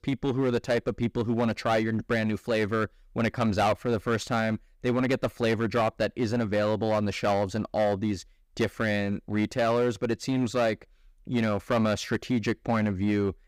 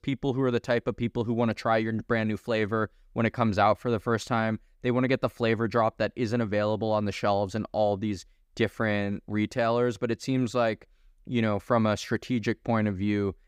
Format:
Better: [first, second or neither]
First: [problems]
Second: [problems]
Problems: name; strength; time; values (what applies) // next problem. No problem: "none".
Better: second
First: distortion; slight; 8% of the sound clipped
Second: none